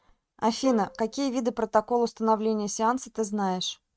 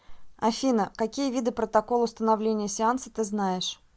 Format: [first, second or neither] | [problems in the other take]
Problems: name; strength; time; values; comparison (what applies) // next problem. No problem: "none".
second | noise reduction (neural mask model RNNoise)